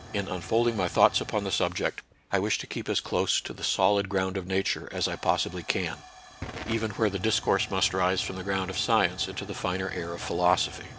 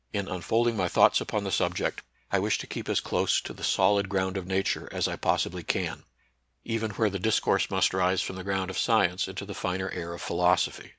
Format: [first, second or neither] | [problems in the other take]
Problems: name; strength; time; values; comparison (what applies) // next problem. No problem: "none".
second | background sound (Tick / Hiss / Explosion / Fire); 17 dB below the speech